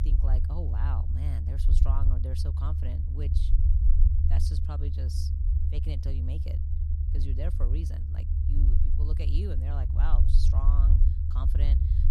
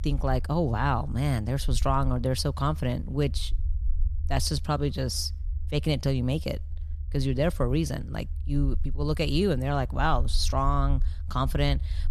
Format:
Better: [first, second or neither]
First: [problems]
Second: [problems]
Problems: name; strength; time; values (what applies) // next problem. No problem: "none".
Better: second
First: low rumble; loud; throughout; 1 dB below the speech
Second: low rumble; faint; throughout; 25 dB below the speech